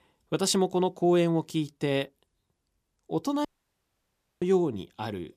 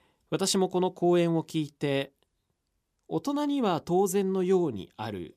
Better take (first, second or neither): second